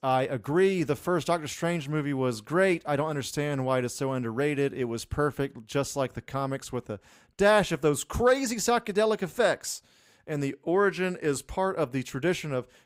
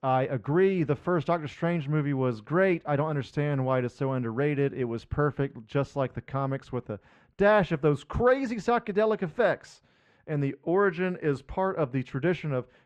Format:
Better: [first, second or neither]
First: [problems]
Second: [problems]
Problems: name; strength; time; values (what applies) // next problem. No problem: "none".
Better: first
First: none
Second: muffled; very; fading above 2.5 kHz